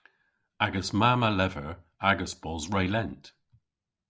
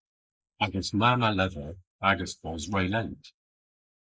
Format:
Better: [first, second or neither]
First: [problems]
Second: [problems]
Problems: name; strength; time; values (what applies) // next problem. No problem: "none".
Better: first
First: none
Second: noise reduction (neural mask model Resemble Enhance denoiser)